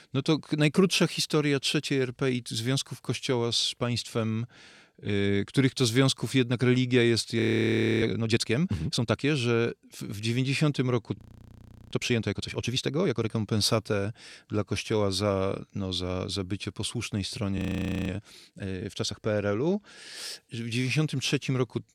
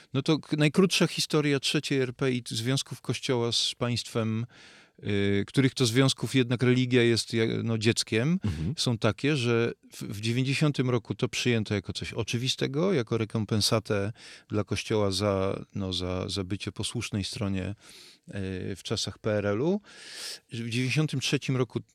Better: second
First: audio freezing; at 7.5 s for 0.5 s, at 11 s for 0.5 s and at 18 s for 0.5 s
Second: none

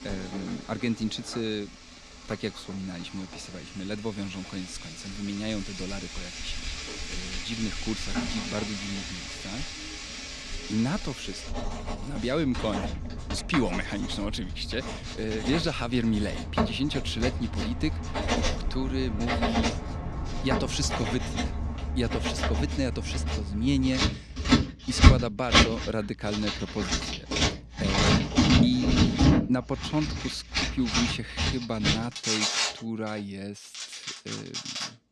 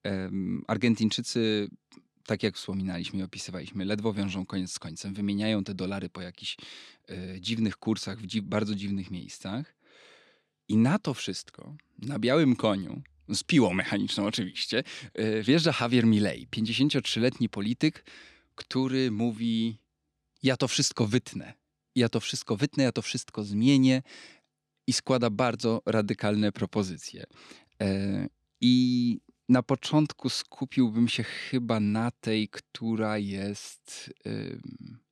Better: second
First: household noises; very loud; throughout; 3 dB above the speech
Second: none

